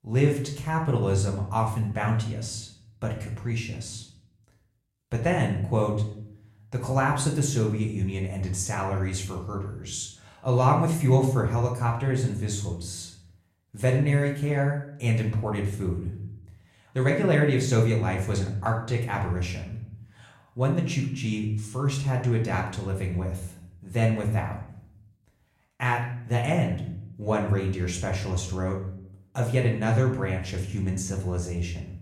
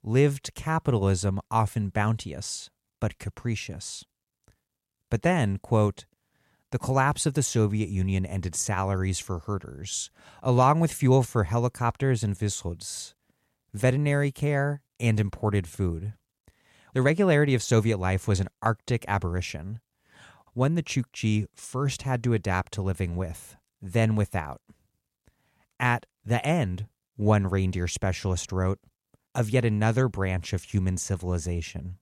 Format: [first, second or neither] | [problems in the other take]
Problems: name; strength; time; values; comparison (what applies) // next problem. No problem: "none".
second | room echo; slight; dies away in 0.6 s // off-mic speech; far